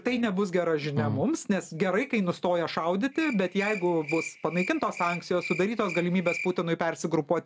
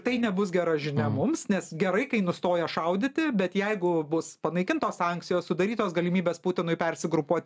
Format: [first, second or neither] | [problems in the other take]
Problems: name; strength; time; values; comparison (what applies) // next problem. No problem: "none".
second | background sound (Cricket); 11 dB below the speech